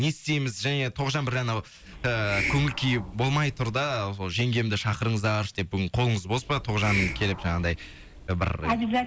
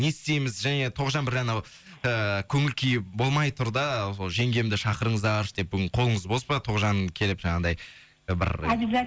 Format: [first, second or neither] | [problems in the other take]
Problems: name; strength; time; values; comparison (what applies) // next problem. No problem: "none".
second | background sound (Hiss); 8 dB below the speech